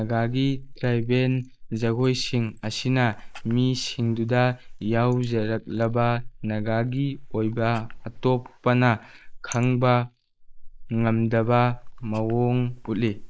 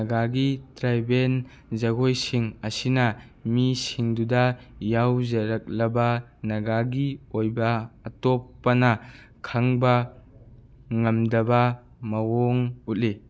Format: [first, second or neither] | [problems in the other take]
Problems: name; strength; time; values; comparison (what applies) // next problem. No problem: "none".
second | noise reduction (neural mask model Resemble Enhance denoiser)